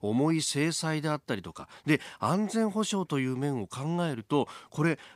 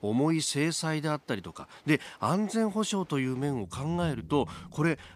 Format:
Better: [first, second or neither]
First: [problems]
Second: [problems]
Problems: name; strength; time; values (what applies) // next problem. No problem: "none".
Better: first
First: none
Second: rain or running water; noticeable; throughout; 20 dB below the speech